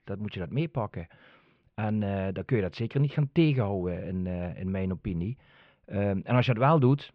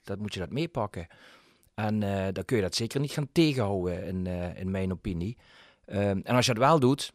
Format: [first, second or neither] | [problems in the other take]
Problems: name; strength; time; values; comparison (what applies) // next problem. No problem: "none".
second | muffled; very; fading above 3 kHz